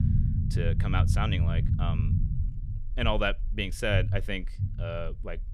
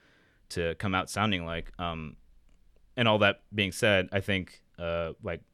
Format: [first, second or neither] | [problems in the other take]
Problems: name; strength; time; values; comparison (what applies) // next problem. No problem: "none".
second | low rumble; noticeable; throughout; 10 dB below the speech